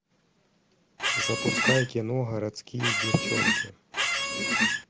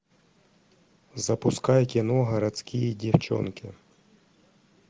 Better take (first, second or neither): second